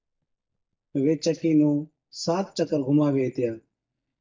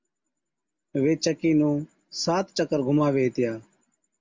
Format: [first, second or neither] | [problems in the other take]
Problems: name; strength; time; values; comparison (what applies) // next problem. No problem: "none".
second | noise reduction (neural mask model DeepFilterNet 3)